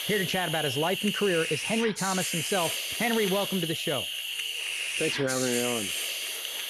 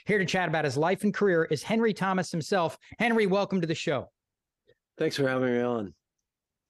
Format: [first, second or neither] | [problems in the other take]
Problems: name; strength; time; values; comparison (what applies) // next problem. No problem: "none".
second | hiss; loud; throughout; 1 dB below the speech